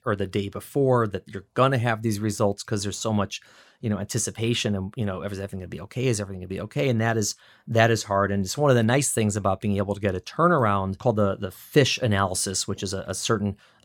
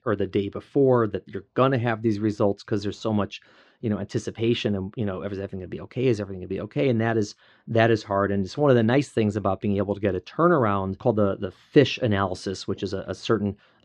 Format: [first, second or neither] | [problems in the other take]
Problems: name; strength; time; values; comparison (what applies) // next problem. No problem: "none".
first | muffled; slightly; fading above 4 kHz